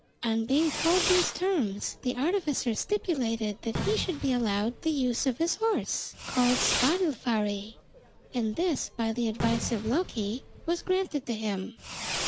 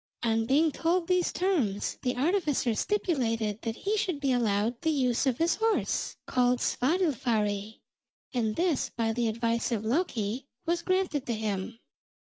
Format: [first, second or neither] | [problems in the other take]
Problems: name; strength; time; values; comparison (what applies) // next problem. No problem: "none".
second | background sound (Fireworks); 8 dB below the speech